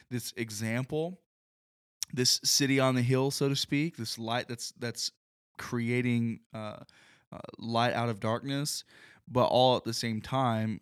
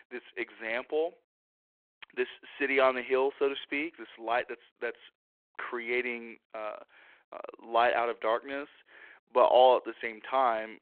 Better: first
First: none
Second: phone-call audio

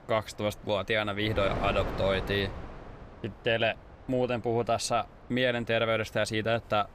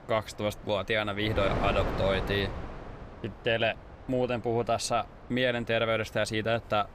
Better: first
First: wind noise on the microphone; occasional gusts; 15 dB below the speech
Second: wind noise on the microphone; heavy; 10 dB below the speech

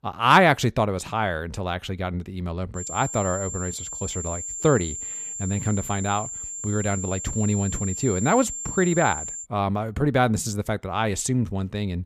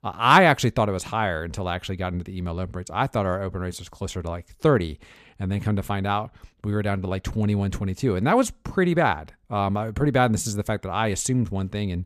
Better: second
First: high-pitched whine; loud; from 3 to 9.5 s; 7.5 kHz, 6 dB below the speech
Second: none

